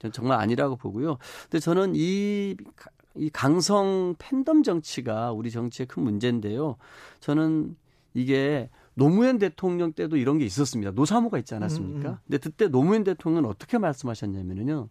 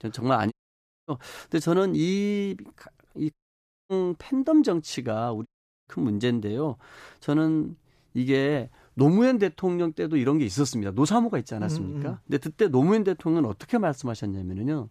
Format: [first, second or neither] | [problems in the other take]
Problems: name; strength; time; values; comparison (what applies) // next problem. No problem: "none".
first | audio cutting out; at 0.5 s for 0.5 s, at 3.5 s for 0.5 s and at 5.5 s